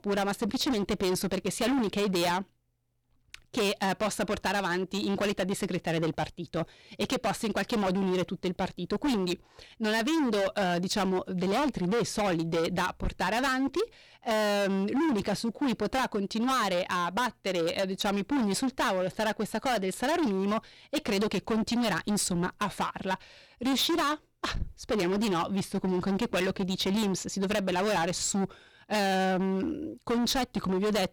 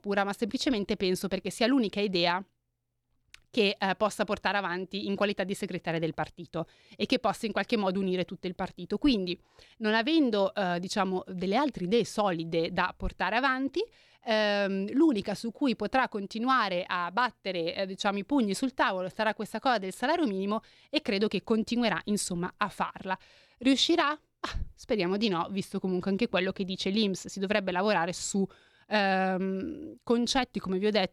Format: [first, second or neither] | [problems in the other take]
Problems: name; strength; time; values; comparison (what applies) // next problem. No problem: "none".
second | distortion; heavy; 23% of the sound clipped